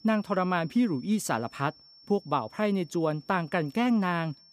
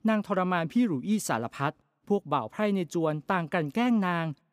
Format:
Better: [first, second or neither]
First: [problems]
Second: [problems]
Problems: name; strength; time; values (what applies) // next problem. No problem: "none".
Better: second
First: high-pitched whine; faint; throughout; 5.5 kHz, 25 dB below the speech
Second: none